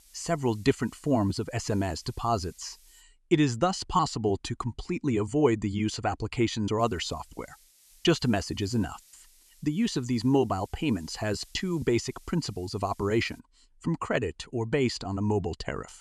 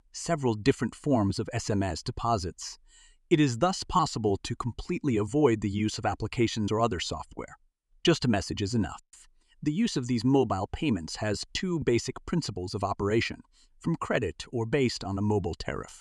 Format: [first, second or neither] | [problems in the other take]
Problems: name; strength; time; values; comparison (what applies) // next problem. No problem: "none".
second | hiss; faint; until 3 s and from 7 to 13 s; 30 dB below the speech